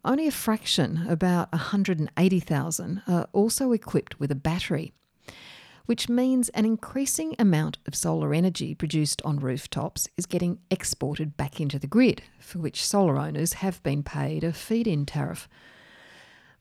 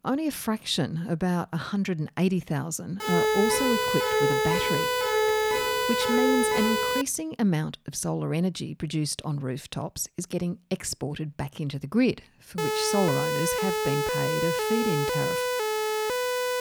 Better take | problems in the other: first | siren; loud; from 3 to 7 s and from 13 s on; peak 6 dB above the speech

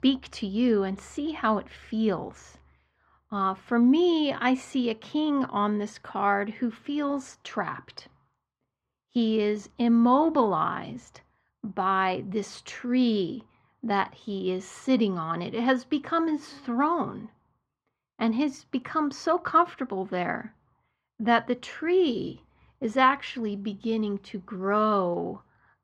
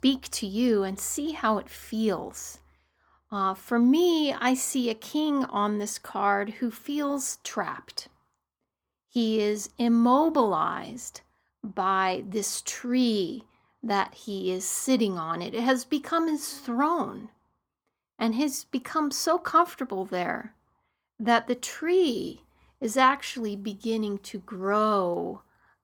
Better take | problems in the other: second | muffled; slightly; fading above 3 kHz

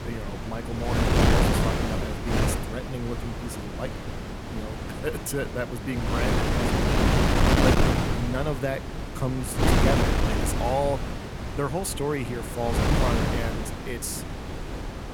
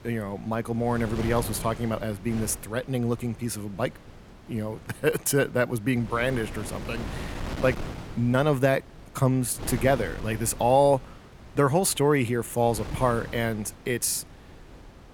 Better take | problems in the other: second | wind noise on the microphone; heavy; 3 dB above the speech; occasional gusts in the second

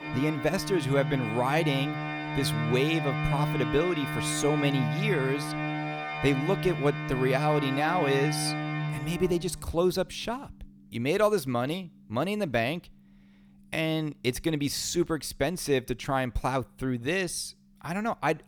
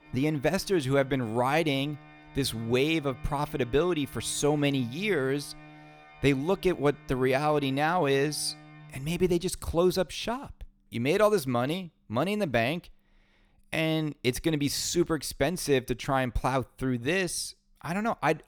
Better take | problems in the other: second | background music; loud; throughout; 3 dB below the speech; faint in the second

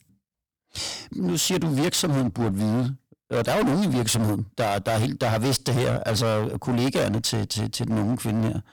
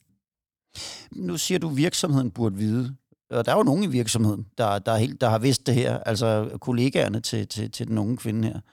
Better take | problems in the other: second | distortion; heavy; 23% of the sound clipped

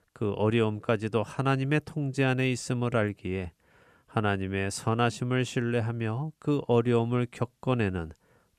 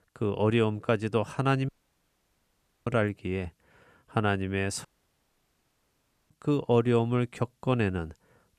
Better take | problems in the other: first | audio cutting out; at 1.5 s for 1 s and at 5 s for 1.5 s

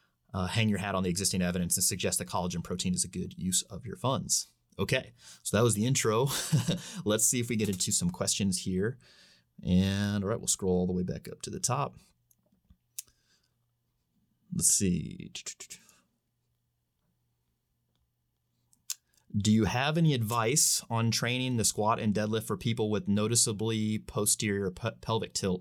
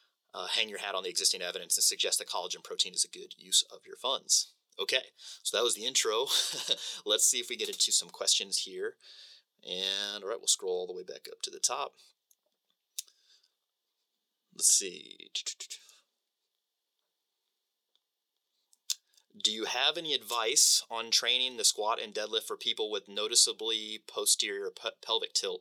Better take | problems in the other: first | thin; very; fading below 400 Hz

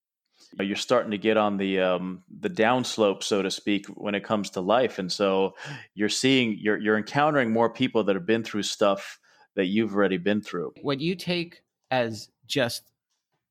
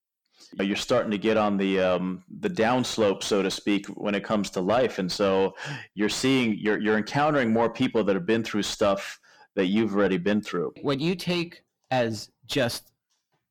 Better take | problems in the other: first | distortion; slight; 10 dB below the speech

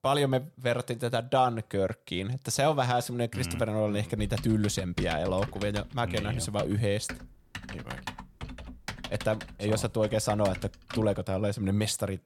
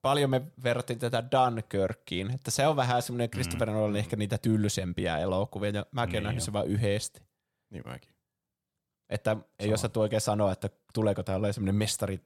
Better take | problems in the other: second | keyboard typing; noticeable; from 4 to 11 s; peak 9 dB below the speech

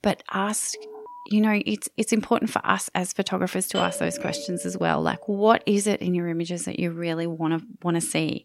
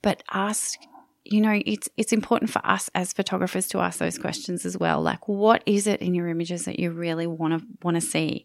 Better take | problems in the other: second | alarm; faint; at 0.5 s; peak 15 dB below the speech // doorbell; noticeable; from 3.5 to 5 s; peak 5 dB below the speech

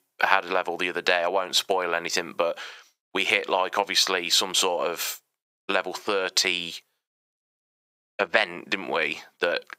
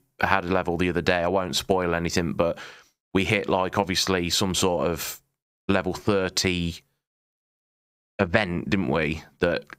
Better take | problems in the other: second | thin; somewhat; fading below 550 Hz

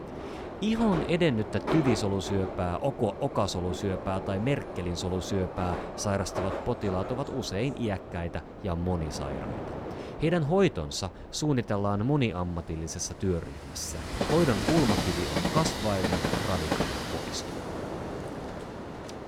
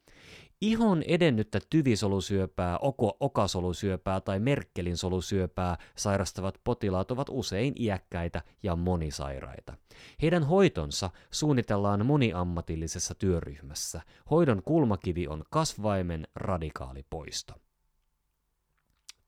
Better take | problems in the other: second | train or aircraft noise; loud; throughout; 4 dB below the speech

